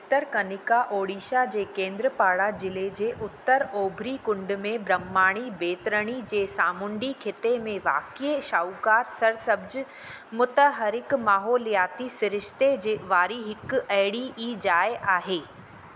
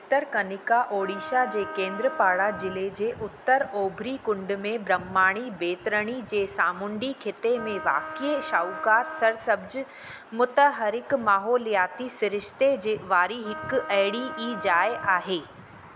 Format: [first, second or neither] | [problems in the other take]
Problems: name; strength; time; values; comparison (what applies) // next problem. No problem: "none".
first | background sound (Wind instrument, woodwind instrument); 11 dB below the speech